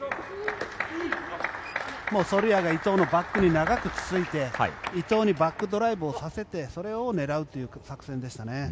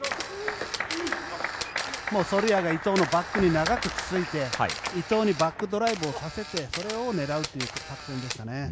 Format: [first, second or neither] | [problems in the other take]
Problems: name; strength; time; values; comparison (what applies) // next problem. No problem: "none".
first | background sound (Camera); 9 dB below the speech